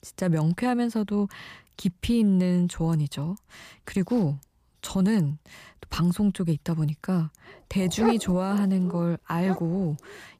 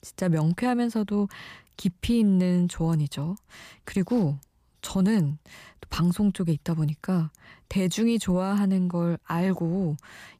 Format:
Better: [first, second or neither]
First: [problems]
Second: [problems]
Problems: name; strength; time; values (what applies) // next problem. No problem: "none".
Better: second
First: animal sounds; very faint; from 7.5 s on; 8 dB below the speech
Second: none